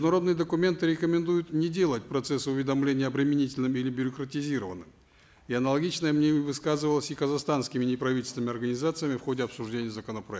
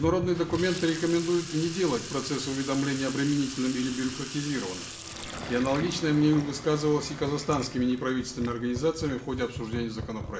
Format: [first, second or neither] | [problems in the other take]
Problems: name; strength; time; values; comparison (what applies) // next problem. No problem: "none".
first | background sound (Sink (filling or washing) / Water tap, faucet); 11 dB below the speech // room echo; dies away in 0.4 s